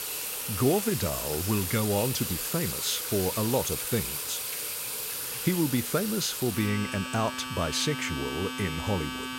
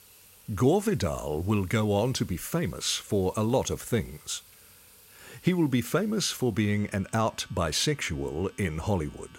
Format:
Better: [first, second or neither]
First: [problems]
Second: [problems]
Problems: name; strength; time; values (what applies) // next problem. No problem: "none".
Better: second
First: household noises; loud; throughout; 2 dB below the speech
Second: household noises; faint; throughout; 25 dB below the speech